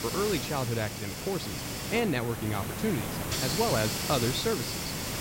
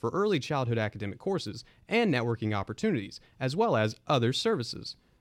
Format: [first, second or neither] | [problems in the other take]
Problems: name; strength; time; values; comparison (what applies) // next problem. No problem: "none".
second | hiss; loud; throughout; 1 dB below the speech